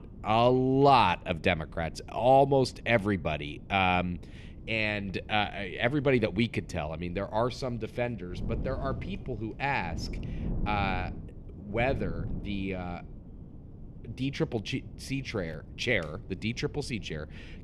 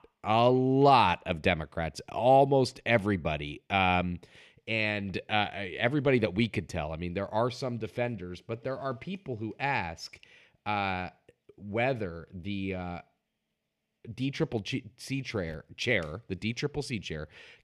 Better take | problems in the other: second | wind noise on the microphone; occasional gusts; 25 dB below the speech

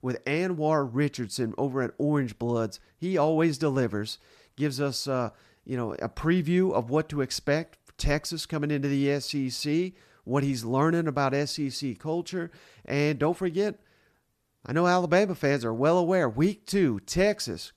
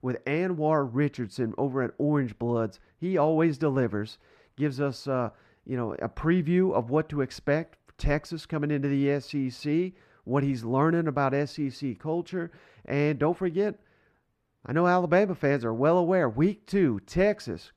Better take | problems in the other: first | muffled; slightly; fading above 3.5 kHz

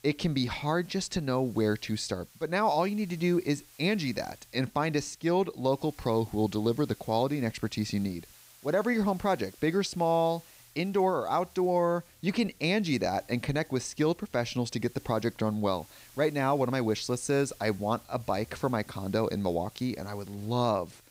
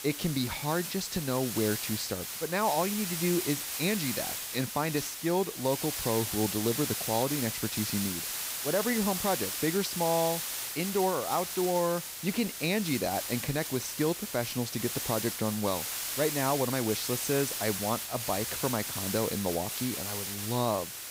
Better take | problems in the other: first | hiss; loud; throughout; 2 dB below the speech; faint in the first

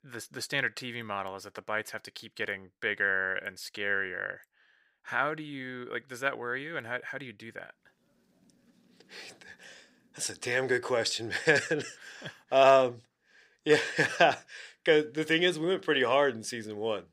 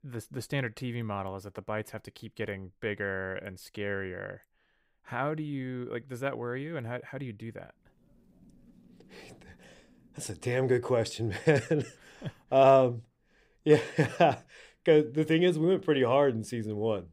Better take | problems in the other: second | thin; somewhat; fading below 900 Hz

